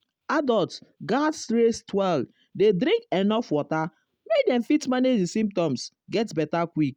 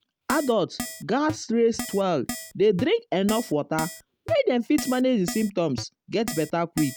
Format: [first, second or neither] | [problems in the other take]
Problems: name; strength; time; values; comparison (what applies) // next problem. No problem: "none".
first | background sound (Keyboard (musical)); 12 dB below the speech